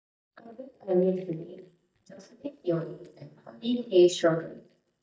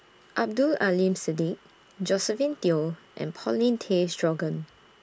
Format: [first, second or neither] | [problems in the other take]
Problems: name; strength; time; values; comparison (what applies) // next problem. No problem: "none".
second | noise reduction (neural mask model DeepFilterNet 3)